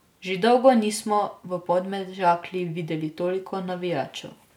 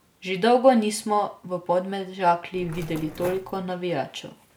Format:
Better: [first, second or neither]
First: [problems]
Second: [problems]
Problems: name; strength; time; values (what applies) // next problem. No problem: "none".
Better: first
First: none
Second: background sound (Mechanisms); 14 dB below the speech